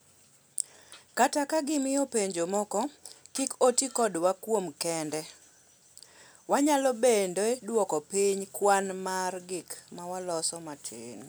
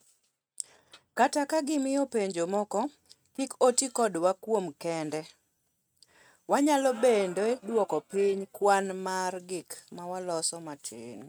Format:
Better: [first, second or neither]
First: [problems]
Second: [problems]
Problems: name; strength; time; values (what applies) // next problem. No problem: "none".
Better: first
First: none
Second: noise reduction (neural mask model RNNoise)